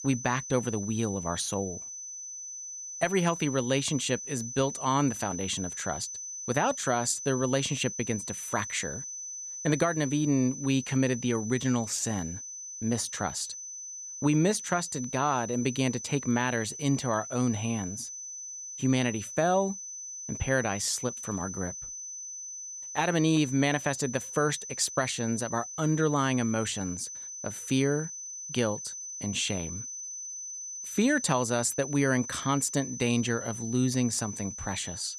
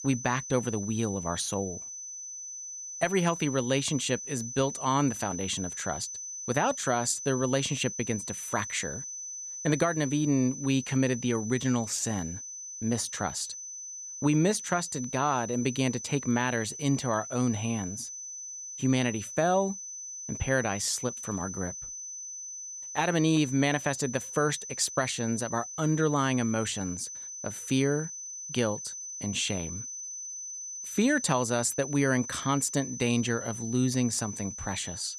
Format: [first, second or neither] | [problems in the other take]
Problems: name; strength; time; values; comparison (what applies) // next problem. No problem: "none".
neither | high-pitched whine; loud; throughout; 6 kHz, 8 dB below the speech; the same in both